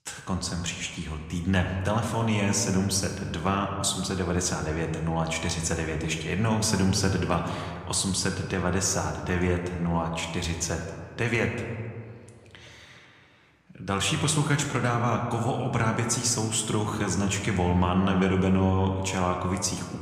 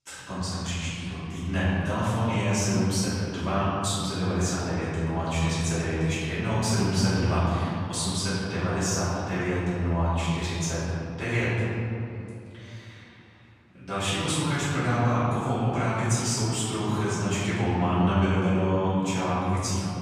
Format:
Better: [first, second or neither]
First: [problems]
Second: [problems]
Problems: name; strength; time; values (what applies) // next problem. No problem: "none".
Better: first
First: room echo; slight; dies away in 1.6 s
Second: room echo; strong; dies away in 2.8 s // off-mic speech; far